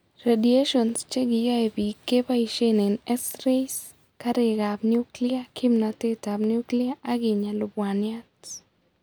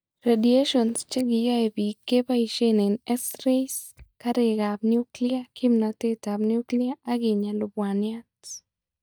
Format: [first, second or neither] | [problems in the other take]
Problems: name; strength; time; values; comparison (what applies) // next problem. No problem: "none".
first | noise reduction (neural mask model DeepFilterNet 3)